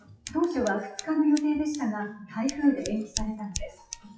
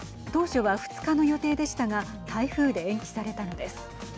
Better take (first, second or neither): second